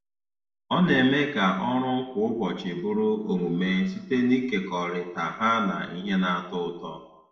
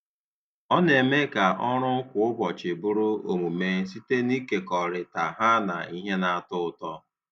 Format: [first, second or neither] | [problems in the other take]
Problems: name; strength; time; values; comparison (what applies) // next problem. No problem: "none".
second | room echo; dies away in 0.7 s